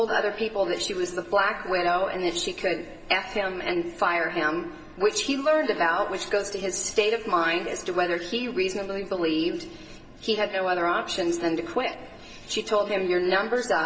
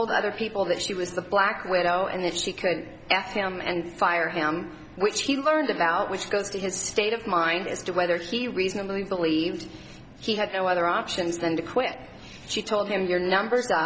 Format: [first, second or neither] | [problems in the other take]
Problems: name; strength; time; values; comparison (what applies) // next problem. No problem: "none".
second | room echo; dies away in 1.7 s